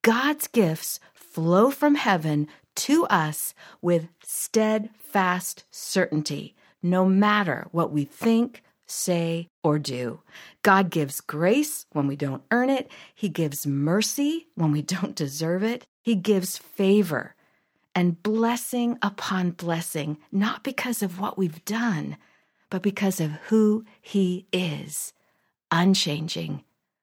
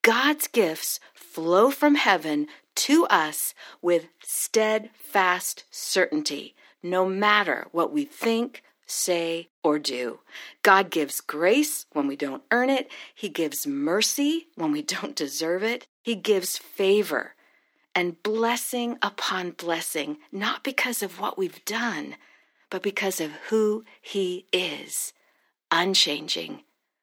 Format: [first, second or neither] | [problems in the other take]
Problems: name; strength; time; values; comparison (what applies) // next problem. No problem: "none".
first | thin; very slightly; fading below 300 Hz